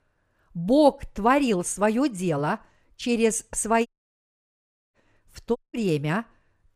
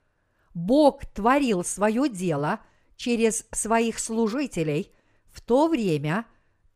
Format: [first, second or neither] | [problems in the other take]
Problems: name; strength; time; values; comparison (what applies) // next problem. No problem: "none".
second | audio cutting out; at 4 s for 1 s and at 5.5 s